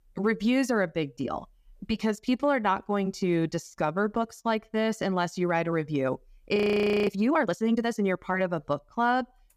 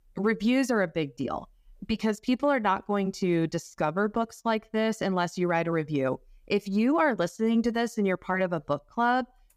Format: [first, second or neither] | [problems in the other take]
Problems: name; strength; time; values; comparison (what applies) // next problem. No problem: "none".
second | audio freezing; at 6.5 s for 0.5 s